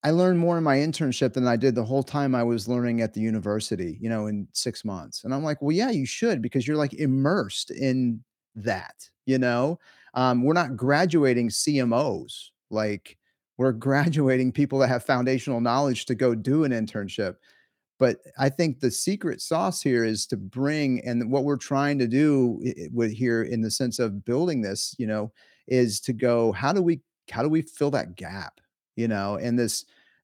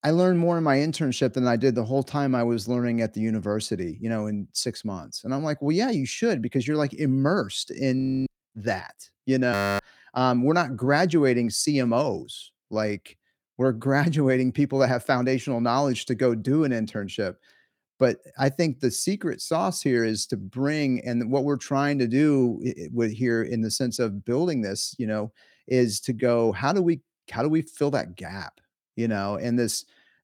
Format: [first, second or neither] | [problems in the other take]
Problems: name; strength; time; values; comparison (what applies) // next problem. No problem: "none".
first | audio freezing; at 8 s and at 9.5 s